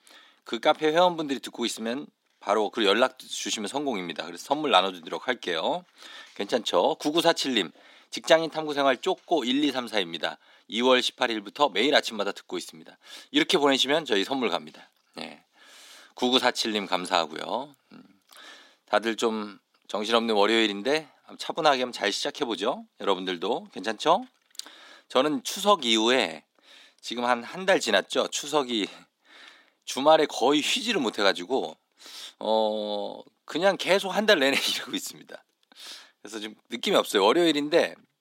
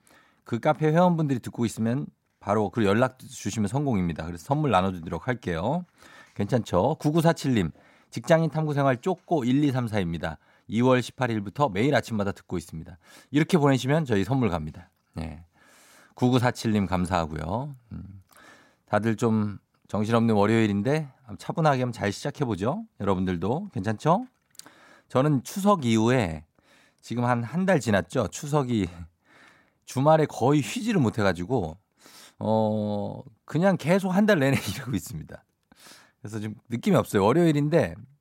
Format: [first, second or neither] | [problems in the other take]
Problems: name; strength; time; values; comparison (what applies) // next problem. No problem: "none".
second | thin; somewhat; fading below 300 Hz